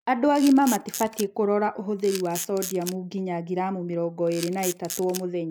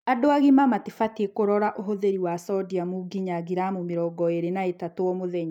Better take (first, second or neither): second